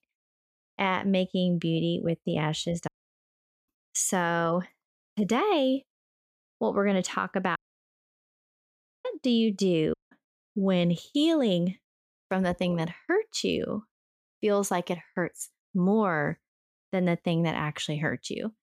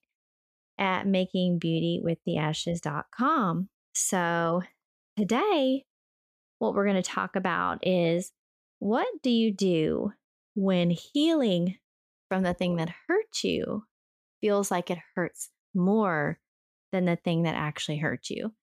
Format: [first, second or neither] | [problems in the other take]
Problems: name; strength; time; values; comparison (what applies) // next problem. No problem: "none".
second | audio cutting out; at 3 s for 1 s, at 7.5 s for 1.5 s and at 10 s